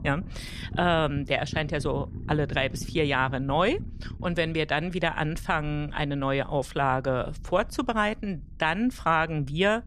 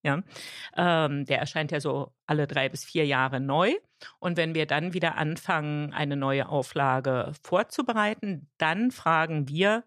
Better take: second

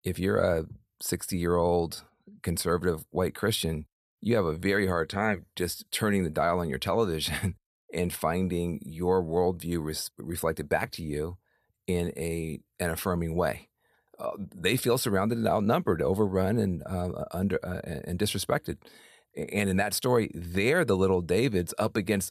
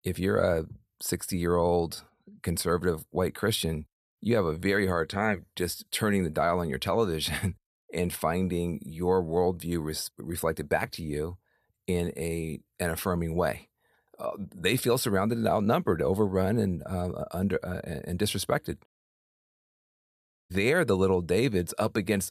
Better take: first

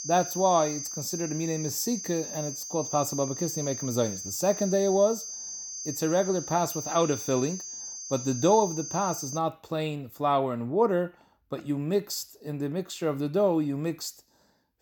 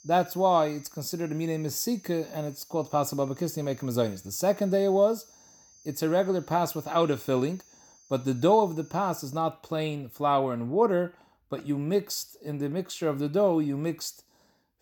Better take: second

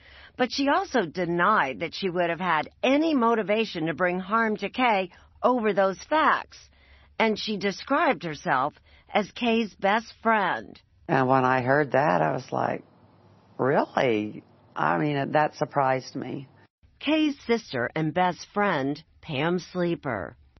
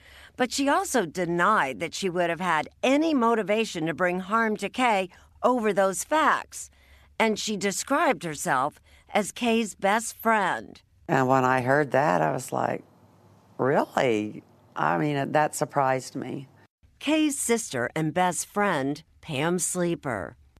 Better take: second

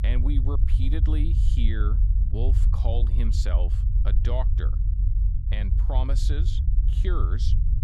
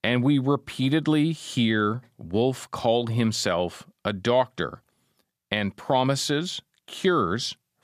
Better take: second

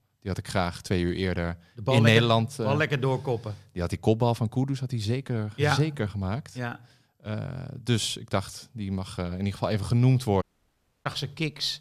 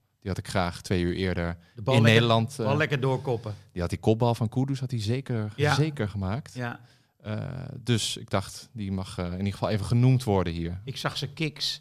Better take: second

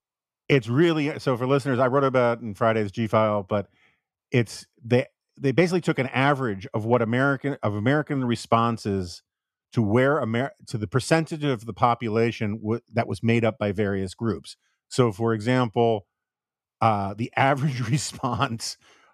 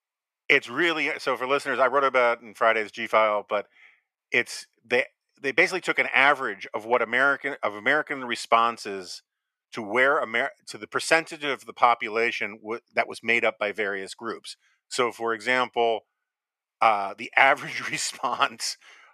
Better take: first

